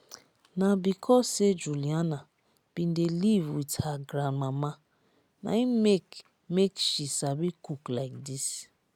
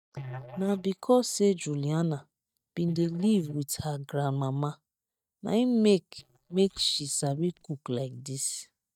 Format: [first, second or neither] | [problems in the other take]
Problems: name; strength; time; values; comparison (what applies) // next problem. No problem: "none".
first | noise reduction (neural mask model DeepFilterNet 3)